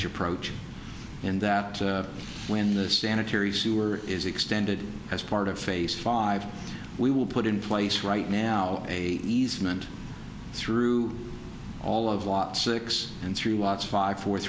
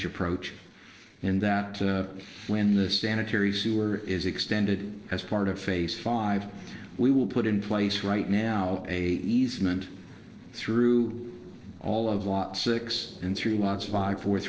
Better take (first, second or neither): first